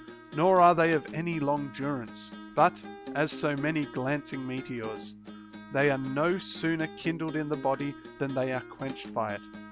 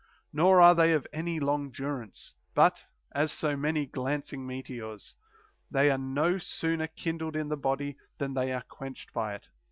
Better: second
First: background sound (Acoustic guitar); 15 dB below the speech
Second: none

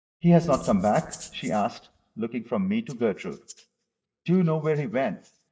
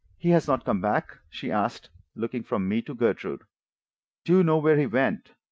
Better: second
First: noise reduction (neural mask model DeepFilterNet 3)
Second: none

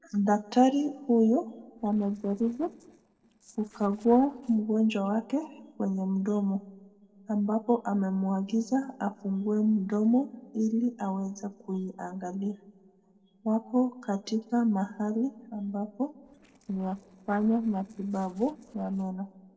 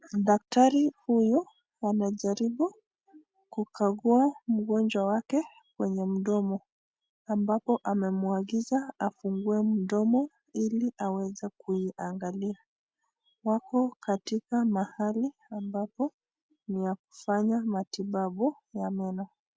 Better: second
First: noise reduction (neural separator model SepFormer DNS4)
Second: none

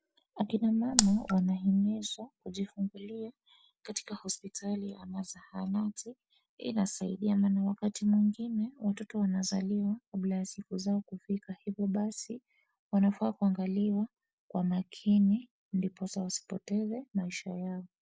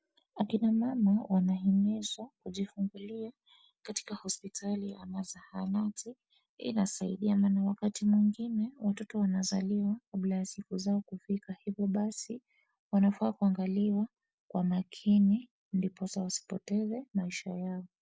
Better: second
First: background sound (Raindrop); 1 dB above the speech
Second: none

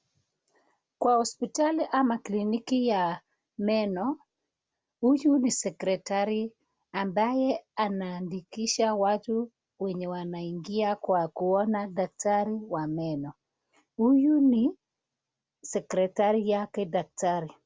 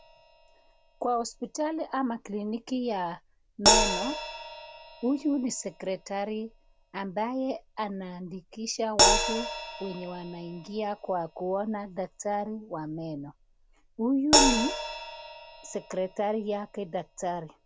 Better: first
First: none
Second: background sound (Crash cymbal); as loud as the speech

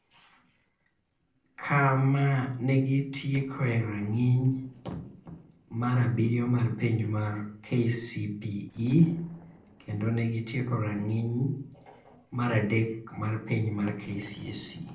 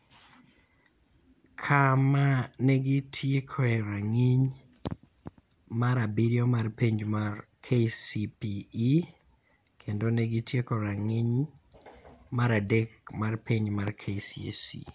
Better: second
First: noise reduction (neural separator model SepFormer DNS4)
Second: none

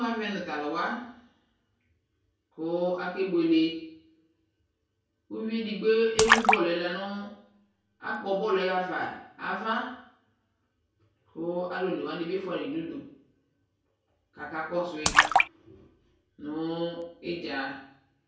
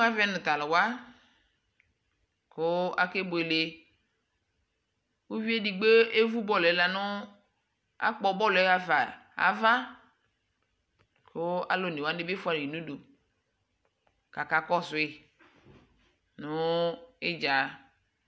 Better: second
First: background sound (Splash, splatter); 4 dB above the speech // room echo; dies away in 0.6 s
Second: none

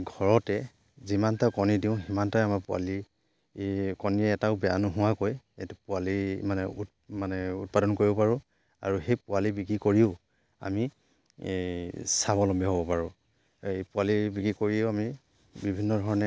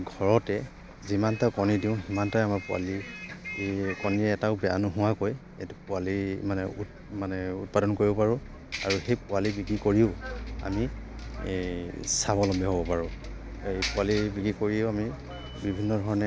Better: first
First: none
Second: background sound (Bus); 11 dB below the speech

